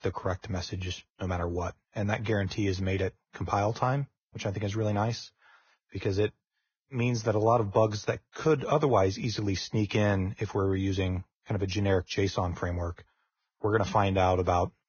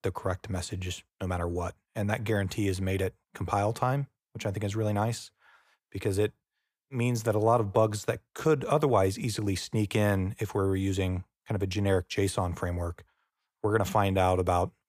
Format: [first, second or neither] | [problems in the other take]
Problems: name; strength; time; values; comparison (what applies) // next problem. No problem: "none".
second | garbled, watery; badly; nothing above 6.5 kHz